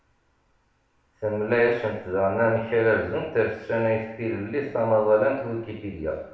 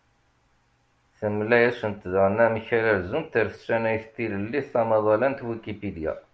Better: second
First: room echo; dies away in 0.8 s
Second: none

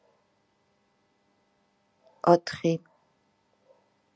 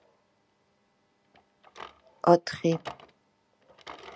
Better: first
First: none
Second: background sound (Drawer open or close); 18 dB below the speech

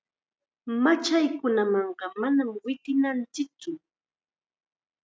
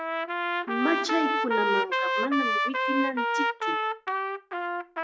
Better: first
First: none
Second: background sound (Trumpet); 4 dB above the speech

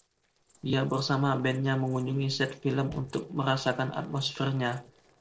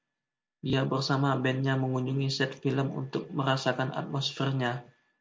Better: second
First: noise reduction (neural separator model SepFormer DNS4)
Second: none

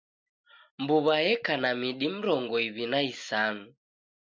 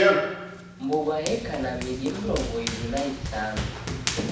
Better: first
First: none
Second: background sound (Run); 1 dB above the speech // room echo; dies away in 0.6 s

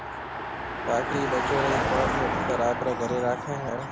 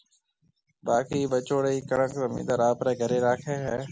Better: second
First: background sound (Car passing by); as loud as the speech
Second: none

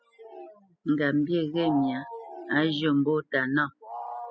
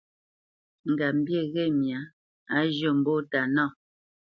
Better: second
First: noise reduction (classical method spectral subtraction)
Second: none

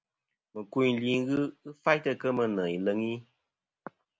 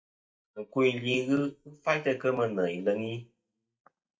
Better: first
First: none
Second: noise reduction (neural mask model DeepFilterNet 3)

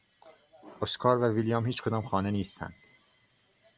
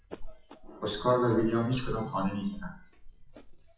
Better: first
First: none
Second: noise reduction (classical method WPE with log-MMSE)

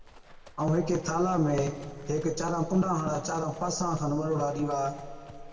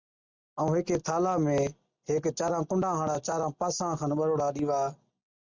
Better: second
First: background sound (Livestock, farm animals, working animals); 16 dB below the speech // room echo; dies away in 2 s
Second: none

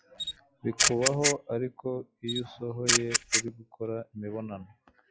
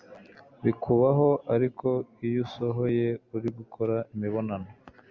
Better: second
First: noise reduction (classical method log-MMSE)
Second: none

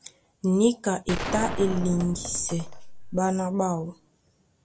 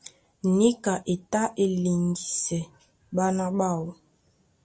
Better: second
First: background sound (Gunshot, gunfire); 7 dB below the speech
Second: none

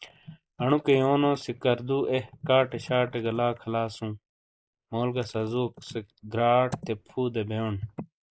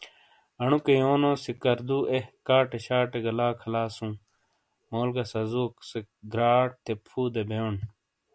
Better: second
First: noise reduction (neural mask model Resemble Enhance denoiser)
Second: none

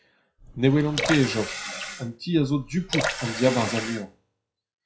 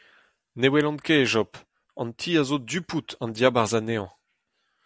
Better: second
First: noise reduction (classical method WPE with log-MMSE)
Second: none

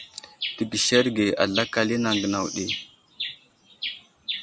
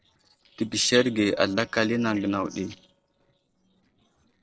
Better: first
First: none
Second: noise reduction (neural separator model SepFormer DNS4)

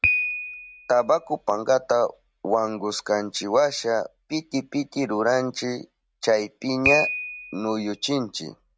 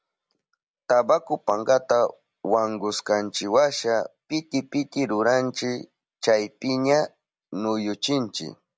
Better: second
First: background sound (Piano); 7 dB below the speech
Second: none

